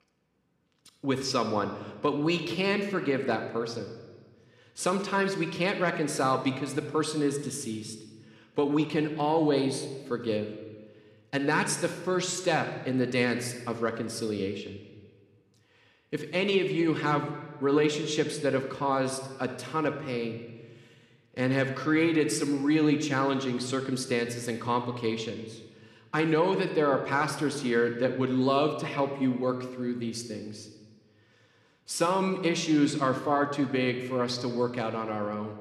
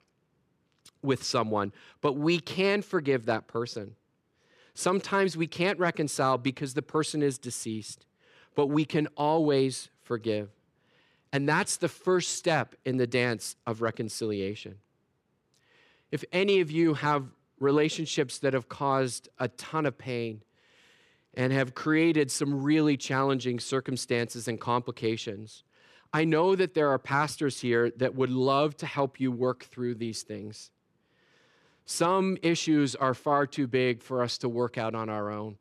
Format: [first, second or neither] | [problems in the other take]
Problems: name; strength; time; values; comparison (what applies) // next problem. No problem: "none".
second | room echo; slight; dies away in 1.1 s